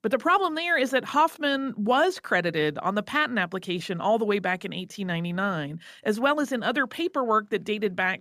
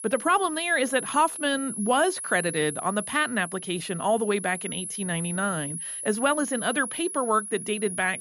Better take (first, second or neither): first